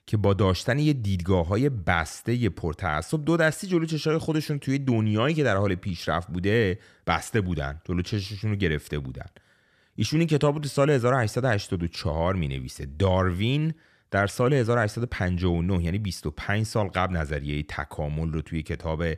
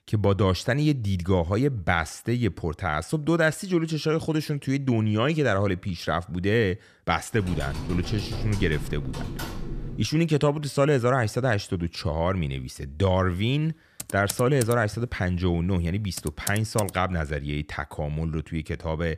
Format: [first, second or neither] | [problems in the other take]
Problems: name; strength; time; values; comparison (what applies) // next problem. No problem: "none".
first | keyboard typing; noticeable; from 7.5 to 10 s and from 14 to 17 s; peak 7 dB below the speech